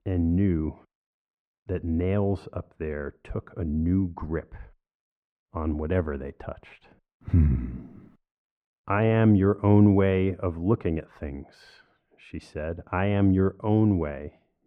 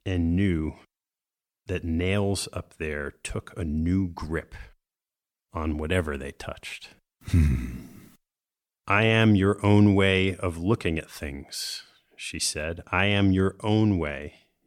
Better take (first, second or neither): second